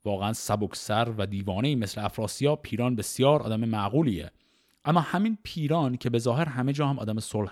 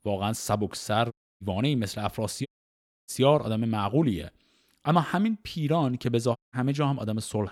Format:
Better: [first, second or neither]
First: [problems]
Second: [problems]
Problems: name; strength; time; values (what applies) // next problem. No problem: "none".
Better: first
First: none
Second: audio cutting out; at 1 s, at 2.5 s for 0.5 s and at 6.5 s